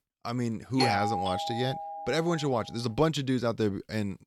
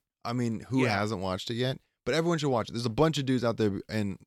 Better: second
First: doorbell; loud; from 1 to 2.5 s; peak 1 dB above the speech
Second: none

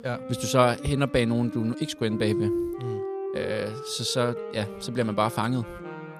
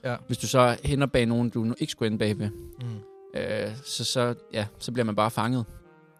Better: second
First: background music; loud; throughout; 8 dB below the speech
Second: background music; faint; throughout; 25 dB below the speech

